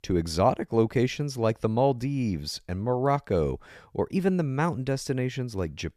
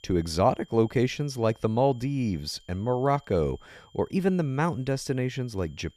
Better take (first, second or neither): first